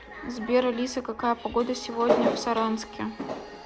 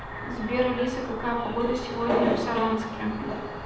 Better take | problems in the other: first | background sound (Cricket); 11 dB below the speech // room echo; dies away in 0.8 s

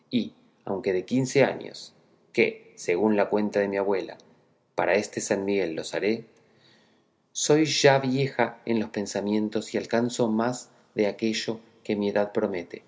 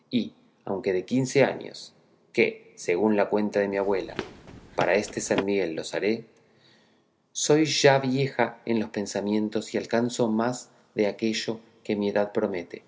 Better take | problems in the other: first | background sound (Run); 9 dB below the speech

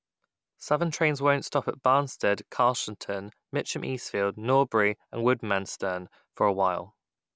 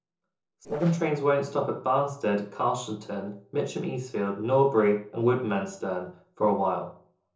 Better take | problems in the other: first | noise reduction (neural separator model SepFormer DNS4)

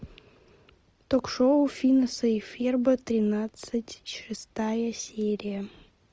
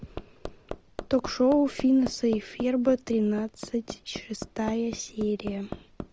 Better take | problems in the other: first | background sound (Hammer); 14 dB below the speech

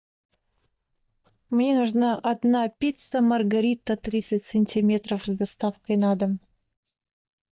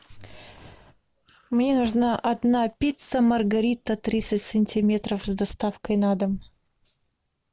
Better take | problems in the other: second | noise reduction (neural mask model DeepFilterNet 3)

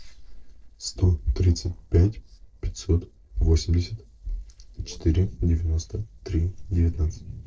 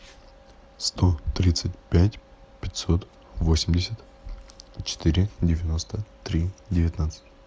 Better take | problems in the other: second | noise reduction (neural separator model SepFormer DNS4)

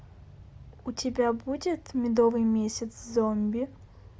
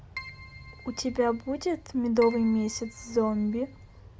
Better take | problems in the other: first | background sound (Keyboard (musical)); 19 dB below the speech

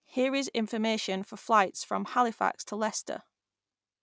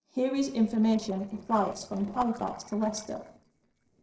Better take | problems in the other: first | noise reduction (neural separator model SepFormer DNS4)

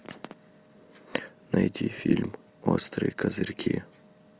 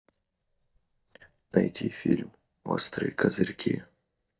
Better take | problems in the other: first | noise reduction (neural mask model DeepFilterNet 3)

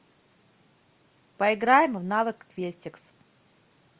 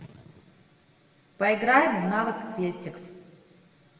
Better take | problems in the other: first | room echo; dies away in 1.6 s

